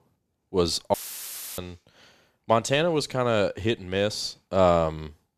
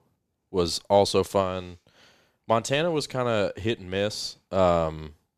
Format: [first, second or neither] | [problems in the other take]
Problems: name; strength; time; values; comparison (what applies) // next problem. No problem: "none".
second | audio cutting out; filled with static; at 1 s for 0.5 s